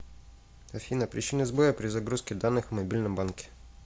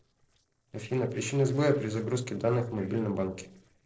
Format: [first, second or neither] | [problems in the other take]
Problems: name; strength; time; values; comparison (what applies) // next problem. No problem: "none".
first | noise reduction (neural separator model SepFormer DNS4)